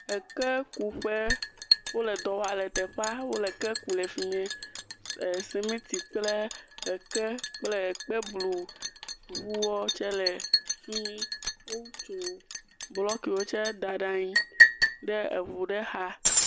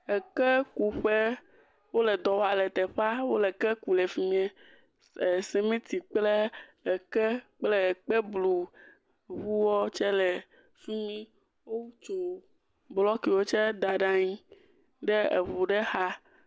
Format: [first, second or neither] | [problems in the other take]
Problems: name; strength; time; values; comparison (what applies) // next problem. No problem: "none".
second | background sound (Liquid); 1 dB above the speech